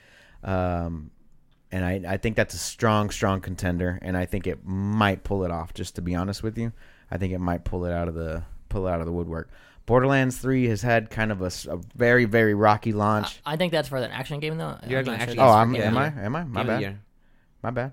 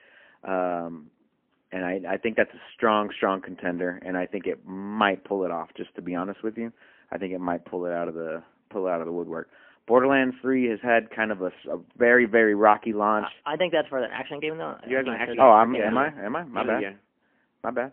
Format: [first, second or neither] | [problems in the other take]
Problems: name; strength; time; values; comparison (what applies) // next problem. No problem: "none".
first | phone-call audio; poor line; nothing above 3 kHz